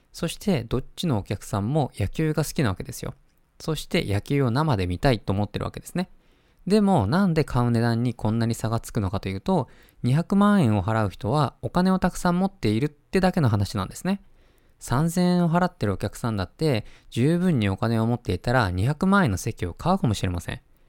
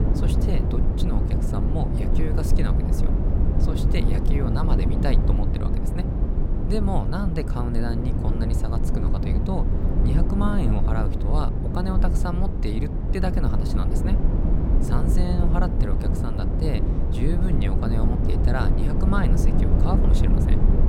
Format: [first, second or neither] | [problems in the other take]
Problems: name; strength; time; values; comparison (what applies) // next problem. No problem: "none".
first | low rumble; loud; throughout; 1 dB below the speech